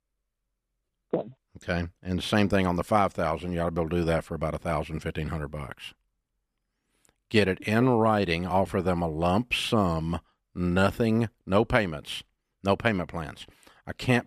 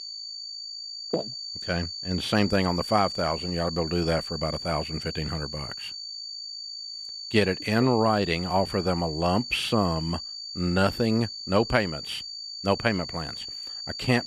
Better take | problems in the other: first | high-pitched whine; loud; throughout; 4.5 kHz, 7 dB below the speech

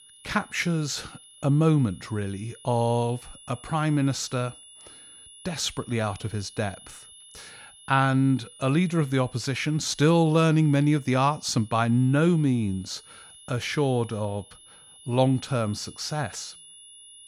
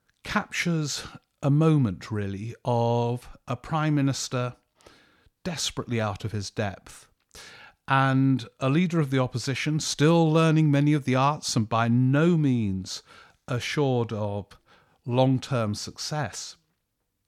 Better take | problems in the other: second | high-pitched whine; faint; throughout; 10.5 kHz, 20 dB below the speech

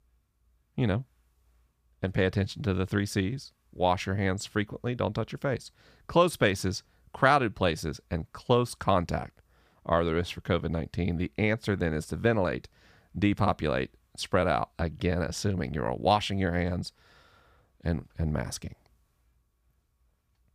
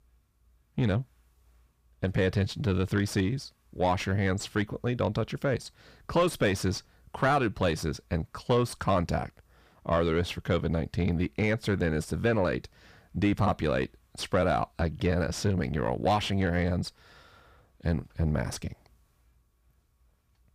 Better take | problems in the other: first | distortion; slight; 10 dB below the speech

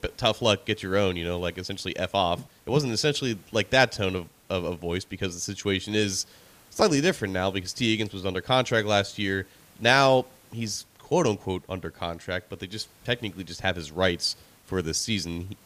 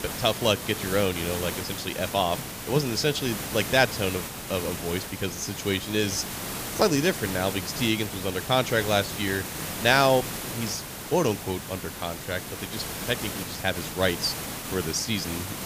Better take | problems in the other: first | hiss; loud; throughout; 6 dB below the speech; faint in the first

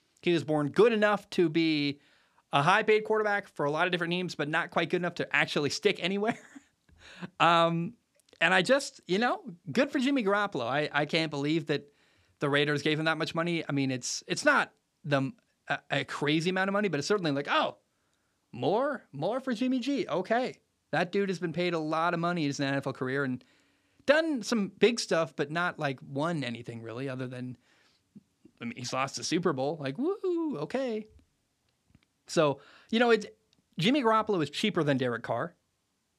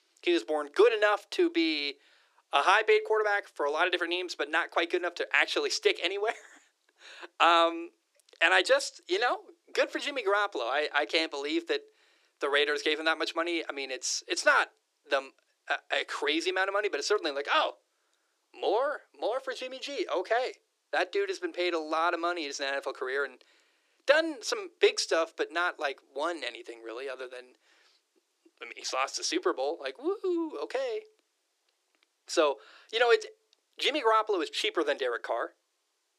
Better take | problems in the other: first | thin; very; fading below 350 Hz

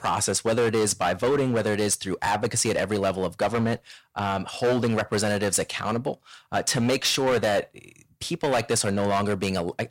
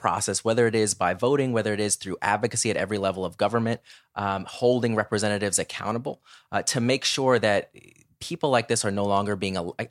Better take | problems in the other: second | distortion; heavy; 11% of the sound clipped

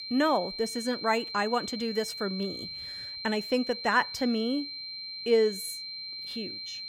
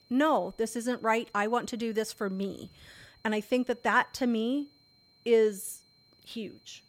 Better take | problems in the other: second | high-pitched whine; loud; throughout; 4 kHz, 7 dB below the speech; faint in the second

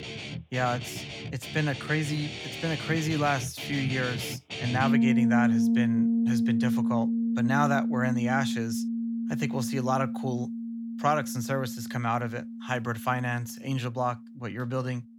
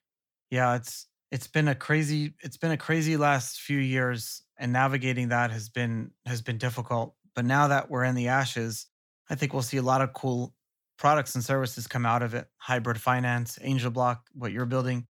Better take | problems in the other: second | background music; very loud; throughout; 1 dB above the speech

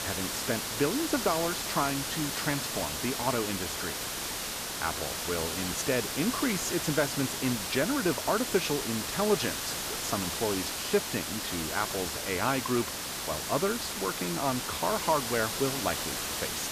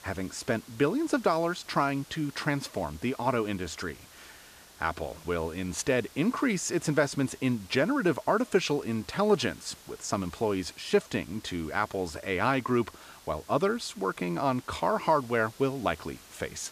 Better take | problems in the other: second | hiss; loud; throughout; 1 dB below the speech; faint in the second

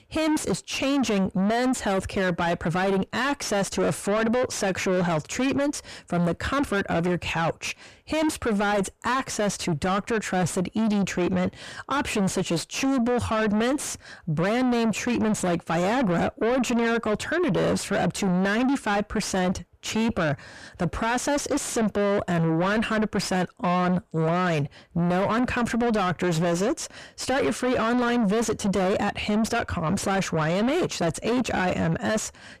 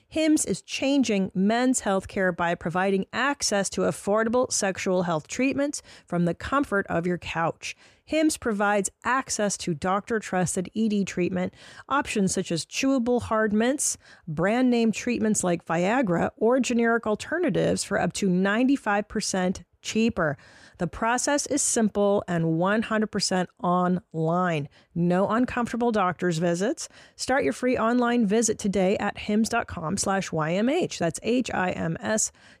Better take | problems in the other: second | distortion; heavy; 7 dB below the speech

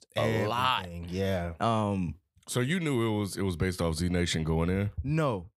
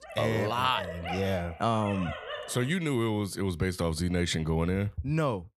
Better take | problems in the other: first | dog barking; noticeable; until 2.5 s; peak 7 dB below the speech

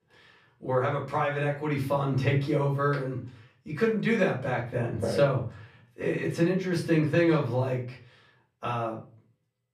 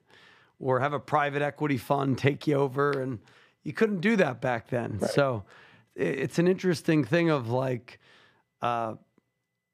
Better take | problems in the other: second | room echo; slight; dies away in 0.4 s // off-mic speech; far

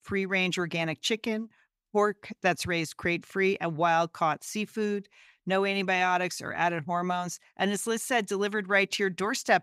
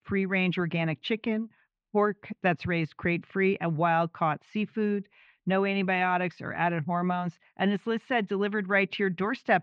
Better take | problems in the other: first | muffled; very; fading above 3 kHz

